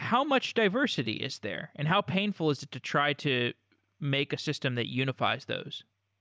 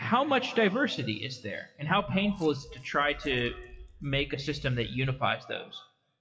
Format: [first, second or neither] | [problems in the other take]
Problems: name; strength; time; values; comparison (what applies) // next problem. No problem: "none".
first | noise reduction (classical method WPE with log-MMSE)